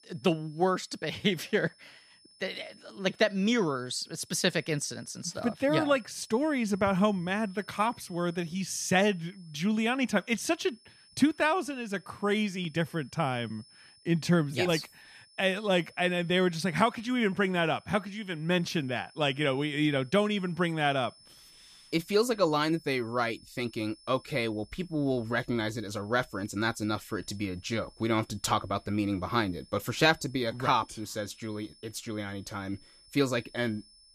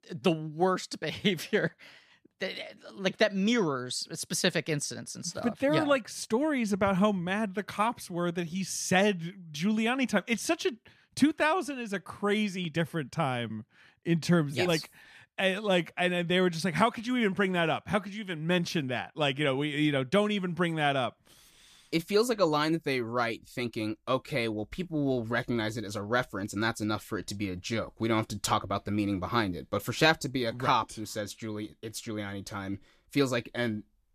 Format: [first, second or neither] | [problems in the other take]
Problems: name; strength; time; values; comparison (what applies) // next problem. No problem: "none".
second | high-pitched whine; faint; throughout; 5.5 kHz, 25 dB below the speech